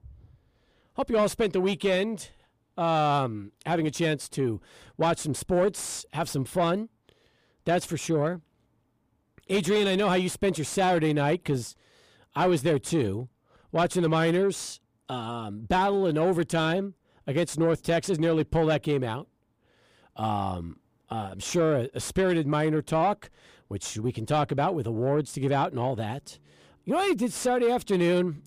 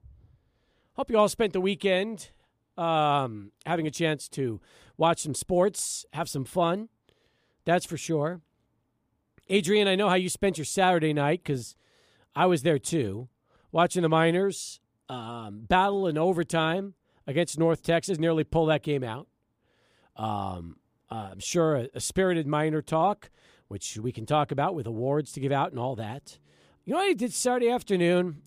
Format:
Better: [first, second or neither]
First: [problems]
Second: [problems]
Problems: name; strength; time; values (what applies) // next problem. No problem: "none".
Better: second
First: distortion; slight; 10 dB below the speech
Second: none